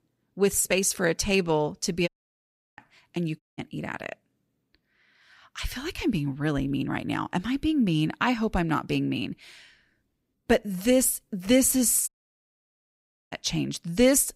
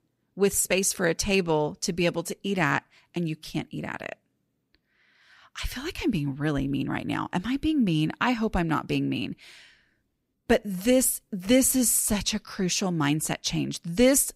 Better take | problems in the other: second | audio cutting out; at 2 s for 0.5 s, at 3.5 s and at 12 s for 1 s

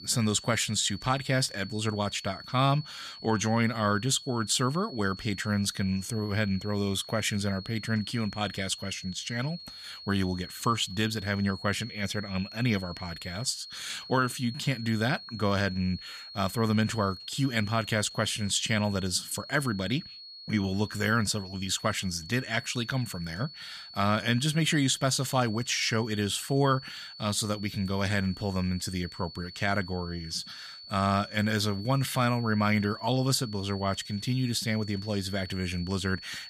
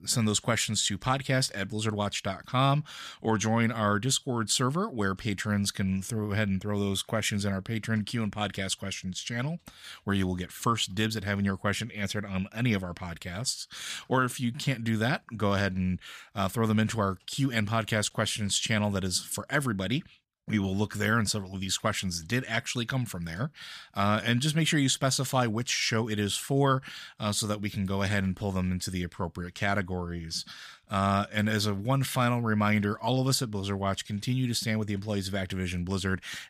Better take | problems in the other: second | high-pitched whine; noticeable; throughout; 4.5 kHz, 15 dB below the speech

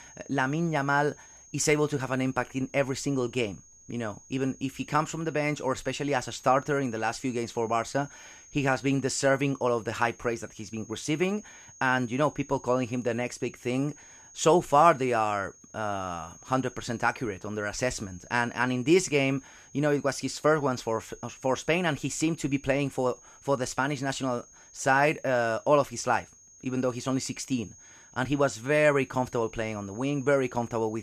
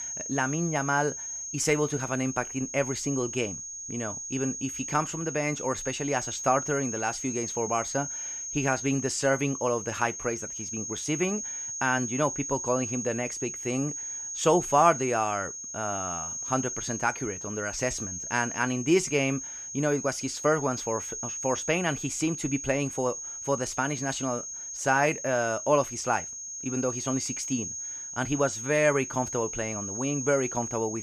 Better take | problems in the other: first | high-pitched whine; loud; throughout; 6.5 kHz, 5 dB below the speech; faint in the first

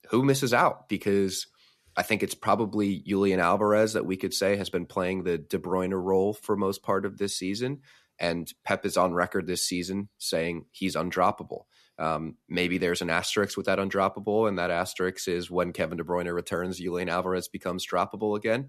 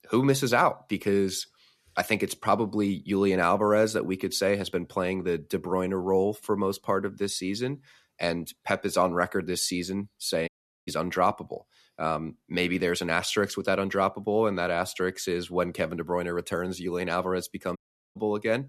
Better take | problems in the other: first | audio cutting out; at 10 s and at 18 s

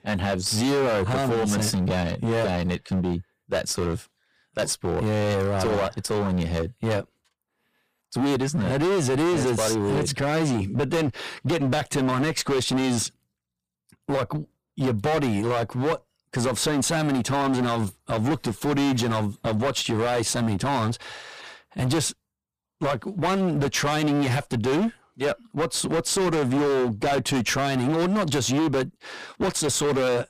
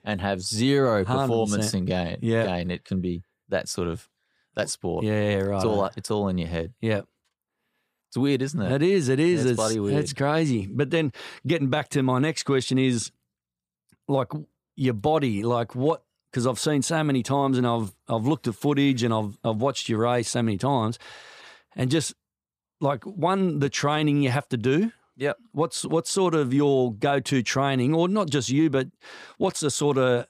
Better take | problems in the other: second | distortion; heavy; 22% of the sound clipped

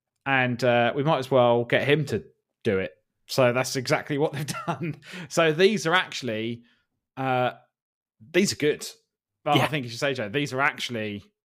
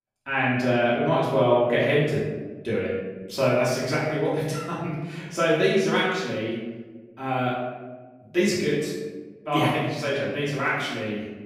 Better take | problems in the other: first | room echo; noticeable; dies away in 1.1 s // off-mic speech; far

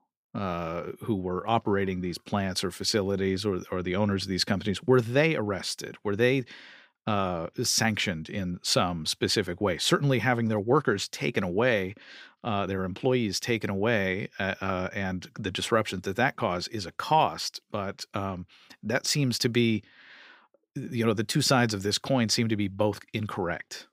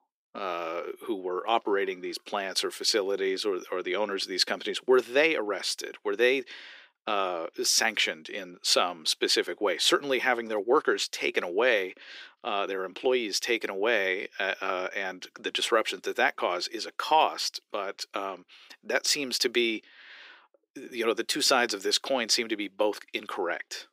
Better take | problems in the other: first | thin; somewhat; fading below 350 Hz

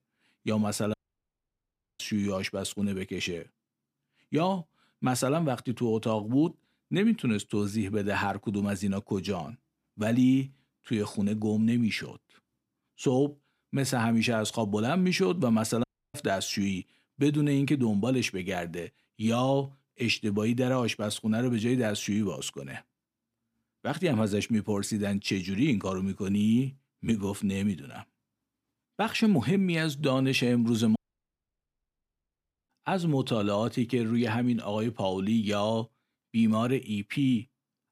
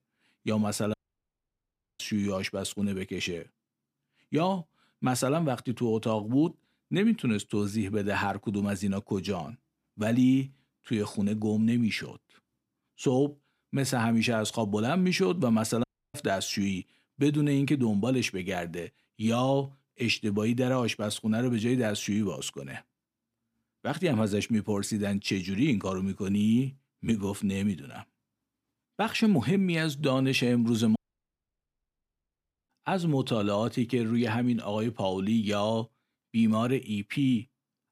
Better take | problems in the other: neither | audio cutting out; at 1 s for 1 s, at 16 s and at 31 s for 1.5 s; the same in both

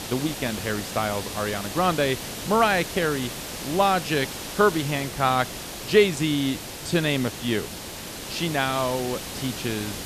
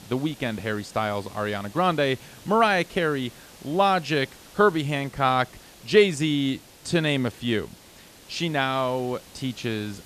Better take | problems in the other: second | hiss; loud; throughout; 8 dB below the speech; faint in the second

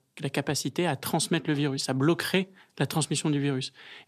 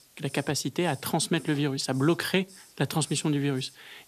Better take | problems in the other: first | hiss; faint; throughout; 25 dB below the speech

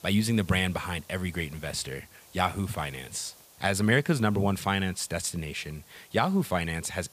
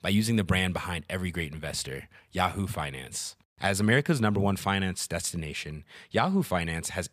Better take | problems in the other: second | hiss; faint; throughout; 25 dB below the speech

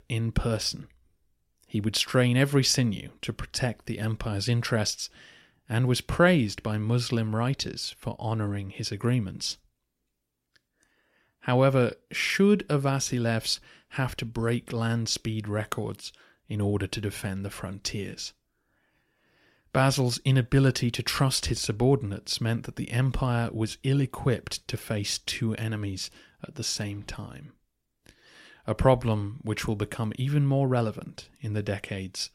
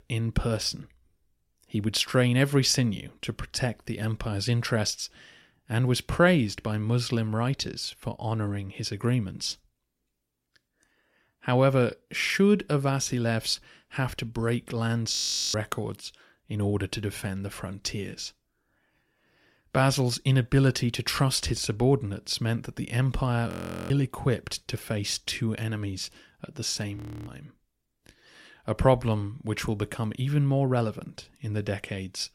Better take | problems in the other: first | audio freezing; at 15 s, at 23 s and at 27 s

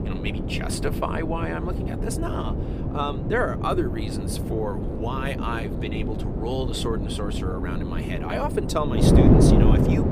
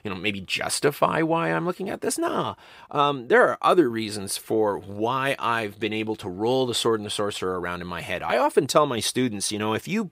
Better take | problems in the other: second | wind noise on the microphone; heavy; 1 dB below the speech

